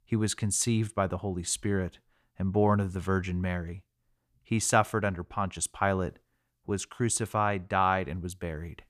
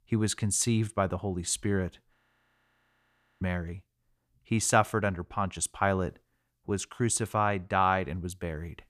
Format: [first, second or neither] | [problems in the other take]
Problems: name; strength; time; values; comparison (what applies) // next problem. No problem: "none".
first | audio freezing; at 2 s for 1.5 s